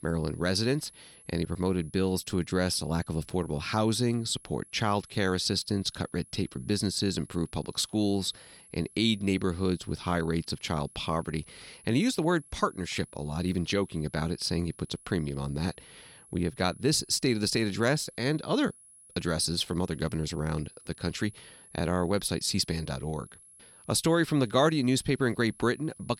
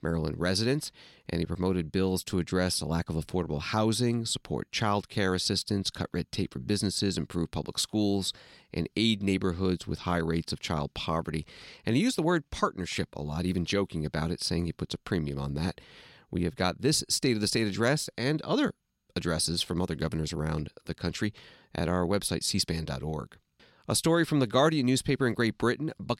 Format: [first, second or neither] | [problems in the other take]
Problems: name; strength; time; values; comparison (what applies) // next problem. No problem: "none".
second | high-pitched whine; faint; throughout; 10.5 kHz, 25 dB below the speech